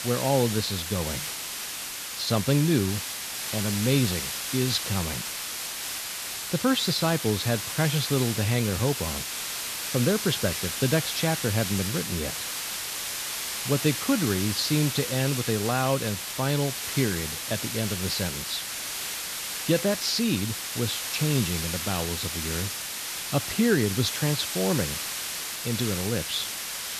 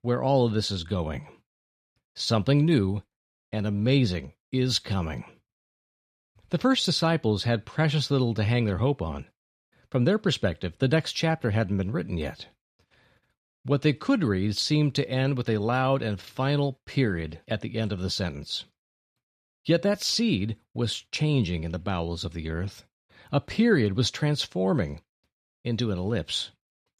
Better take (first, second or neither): second